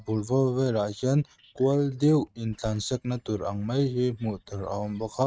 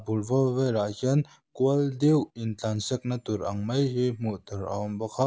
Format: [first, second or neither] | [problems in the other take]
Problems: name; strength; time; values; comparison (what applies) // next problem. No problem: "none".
second | noise reduction (neural mask model RNNoise)